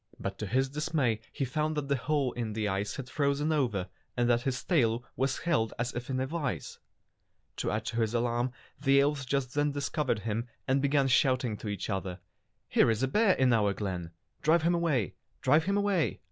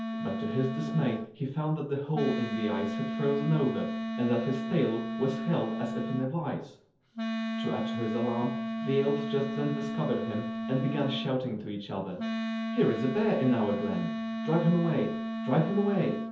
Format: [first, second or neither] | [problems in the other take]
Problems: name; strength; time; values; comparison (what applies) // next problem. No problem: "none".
first | background sound (Wind instrument, woodwind instrument); 4 dB below the speech // room echo; dies away in 0.5 s